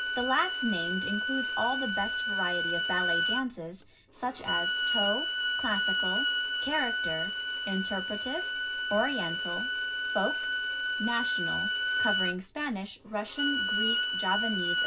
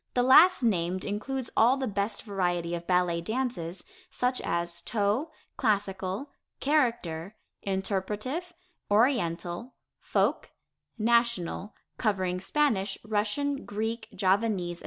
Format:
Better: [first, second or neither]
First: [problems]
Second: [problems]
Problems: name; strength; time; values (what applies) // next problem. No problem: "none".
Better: second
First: background sound (Bowed string instrument); 3 dB above the speech // room echo; dies away in 0.4 s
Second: none